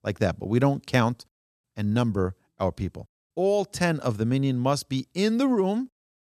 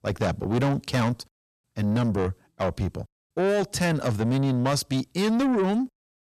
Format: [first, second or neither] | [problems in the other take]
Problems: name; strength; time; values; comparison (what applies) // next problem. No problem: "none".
first | distortion; heavy; 8 dB below the speech